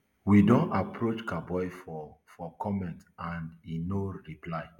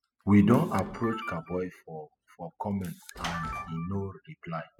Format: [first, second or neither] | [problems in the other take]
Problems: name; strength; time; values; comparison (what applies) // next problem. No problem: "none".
first | noise reduction (classical method spectral subtraction)